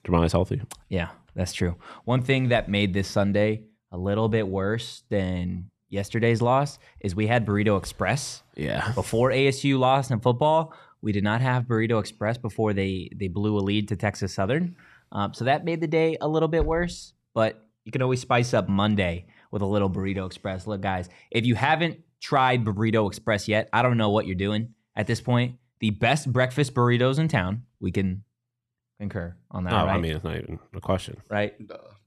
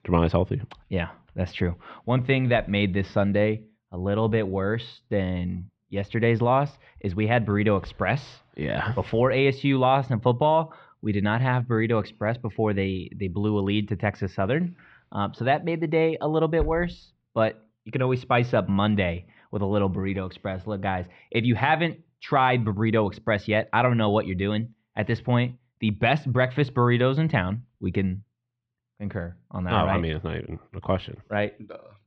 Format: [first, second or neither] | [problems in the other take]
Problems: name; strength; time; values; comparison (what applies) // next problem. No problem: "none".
first | muffled; slightly; fading above 3.5 kHz